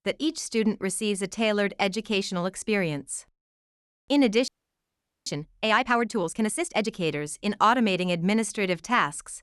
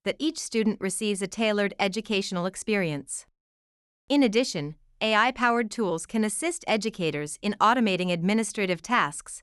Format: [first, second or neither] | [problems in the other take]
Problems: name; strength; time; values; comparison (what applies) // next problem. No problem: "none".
second | audio freezing; at 4.5 s for 1 s